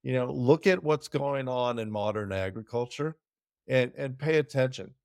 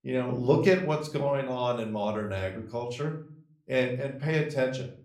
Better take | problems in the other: first | room echo; slight; dies away in 0.4 s

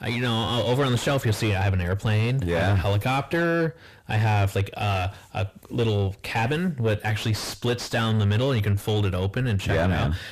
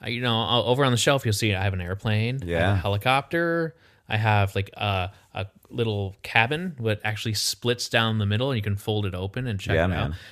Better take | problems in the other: second | distortion; heavy; 6 dB below the speech

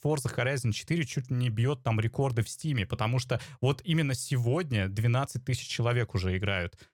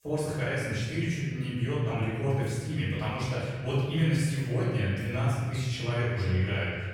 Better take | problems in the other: first | room echo; strong; dies away in 1.5 s // off-mic speech; far

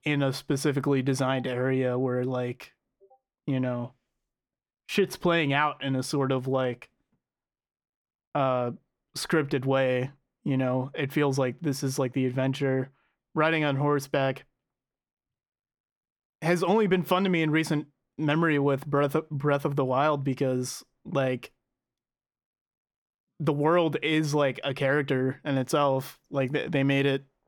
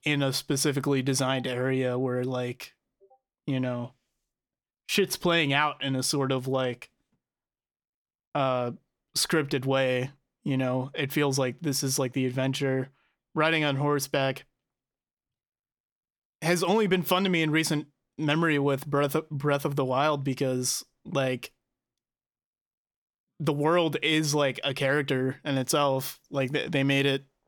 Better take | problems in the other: second | muffled; slightly; fading above 2.5 kHz

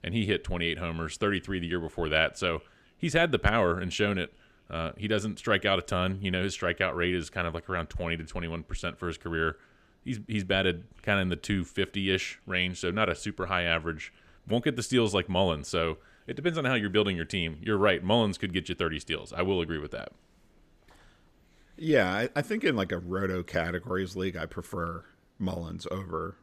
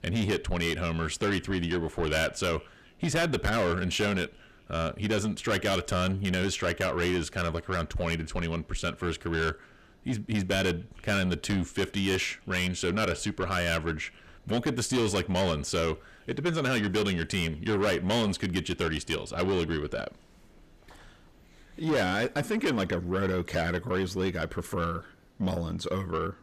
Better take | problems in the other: first | distortion; heavy; 7 dB below the speech

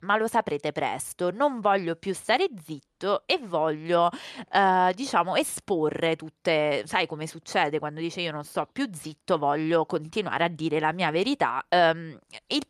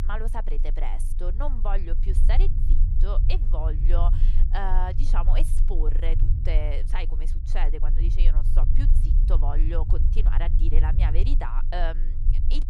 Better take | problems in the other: first | low rumble; loud; throughout; 10 dB below the speech

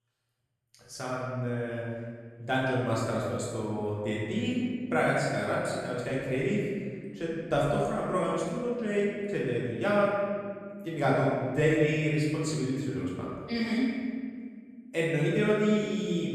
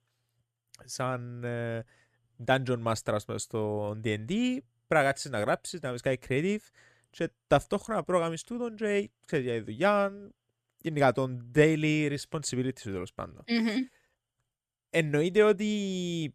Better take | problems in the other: second | room echo; strong; dies away in 1.7 s // off-mic speech; far

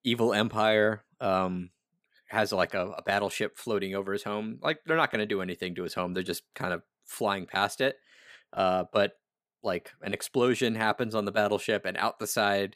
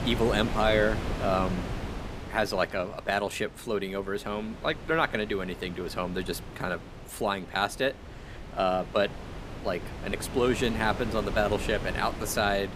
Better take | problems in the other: first | wind noise on the microphone; occasional gusts; 10 dB below the speech

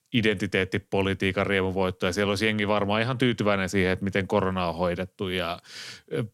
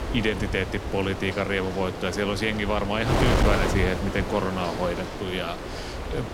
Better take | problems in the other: first | wind noise on the microphone; heavy; 4 dB below the speech

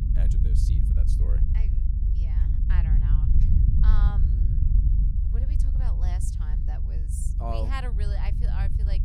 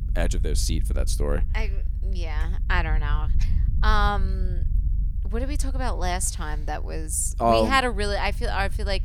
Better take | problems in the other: second | low rumble; loud; throughout; 1 dB below the speech; faint in the second

